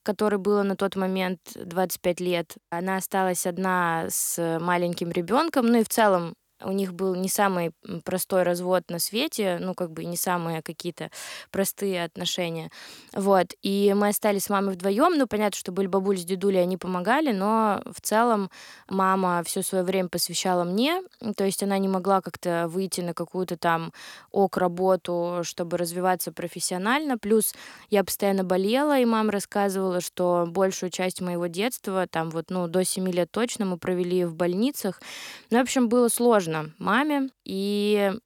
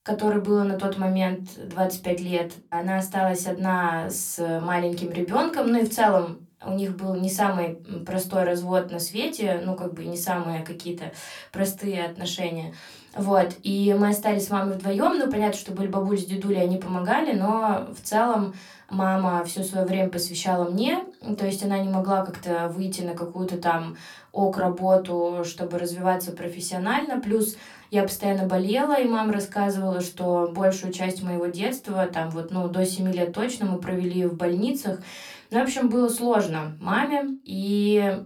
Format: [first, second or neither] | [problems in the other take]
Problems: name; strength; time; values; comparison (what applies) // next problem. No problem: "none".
first | off-mic speech; somewhat distant // room echo; very slight; dies away in 0.2 s